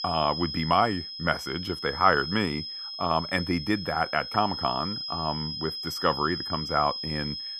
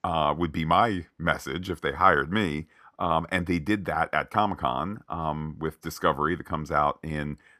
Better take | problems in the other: second | high-pitched whine; loud; throughout; 5 kHz, 6 dB below the speech

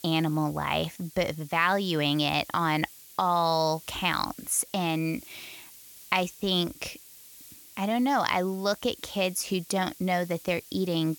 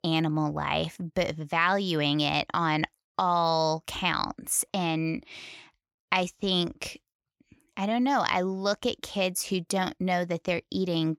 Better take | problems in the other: second | hiss; noticeable; throughout; 20 dB below the speech

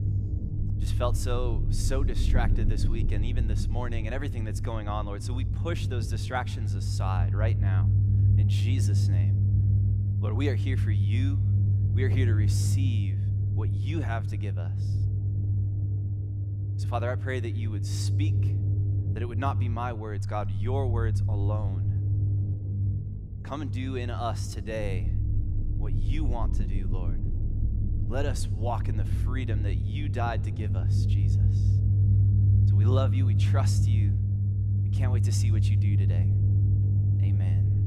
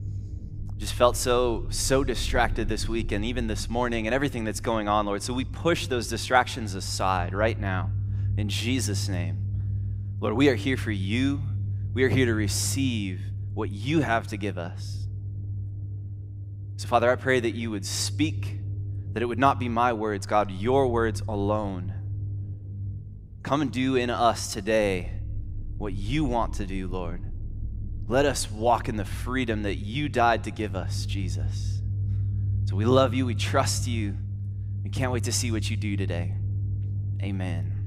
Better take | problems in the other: second | low rumble; loud; throughout; 4 dB below the speech; faint in the second

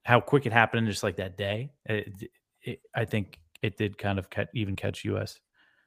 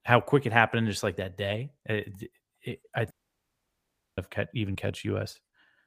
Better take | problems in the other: first | audio cutting out; at 3 s for 1 s

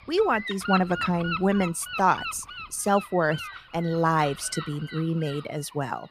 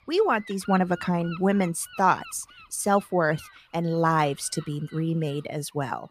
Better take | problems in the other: second | wind noise on the microphone; heavy; 7 dB below the speech; occasional gusts in the second

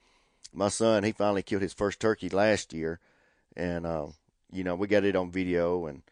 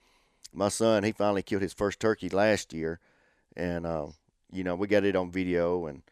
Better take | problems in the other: second | garbled, watery; slightly; nothing above 9.5 kHz

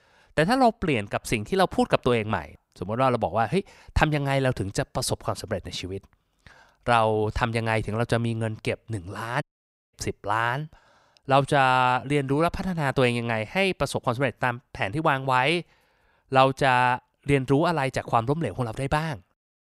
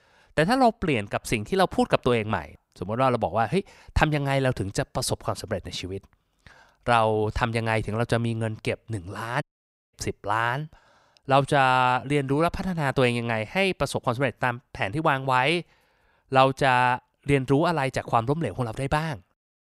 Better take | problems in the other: neither | audio cutting out; at 9.5 s for 0.5 s; the same in both

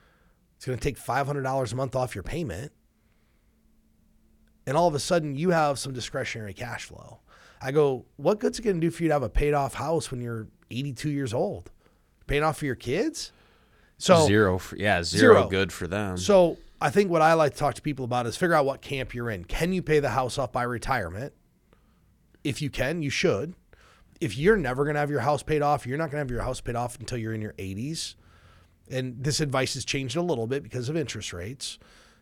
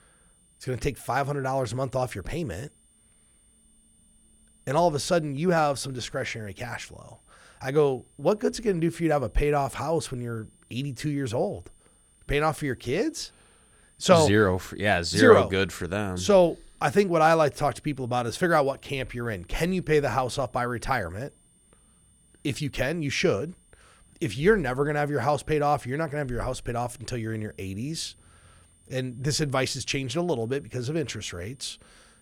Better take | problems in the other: first | high-pitched whine; faint; throughout; 9 kHz, 35 dB below the speech

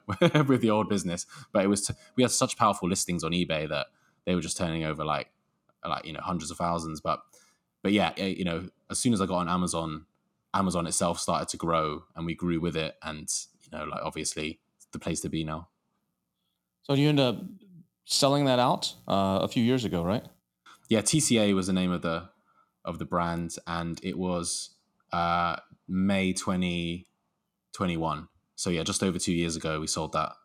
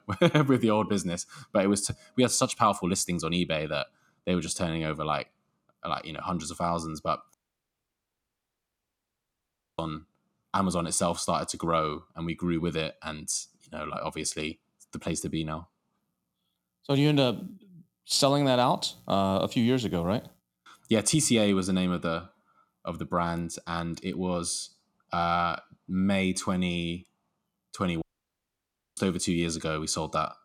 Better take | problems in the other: first | audio cutting out; at 7.5 s for 2.5 s and at 28 s for 1 s

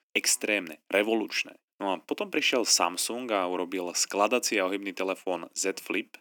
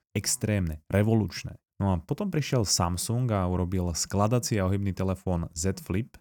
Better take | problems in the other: second | thin; somewhat; fading below 300 Hz

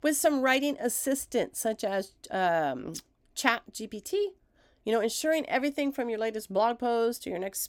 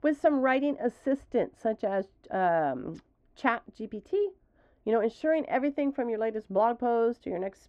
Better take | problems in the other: first | muffled; very; fading above 1.5 kHz

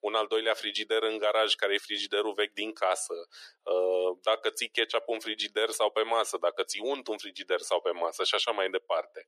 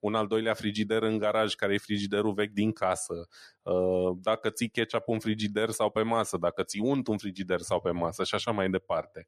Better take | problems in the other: second | thin; very; fading below 350 Hz

